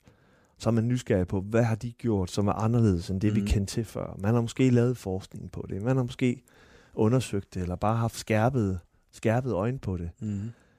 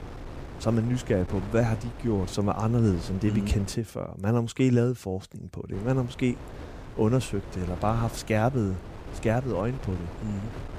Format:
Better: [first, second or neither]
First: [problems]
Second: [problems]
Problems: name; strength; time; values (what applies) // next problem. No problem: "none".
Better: first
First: none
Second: wind noise on the microphone; occasional gusts; until 3.5 s and from 5.5 s on; 15 dB below the speech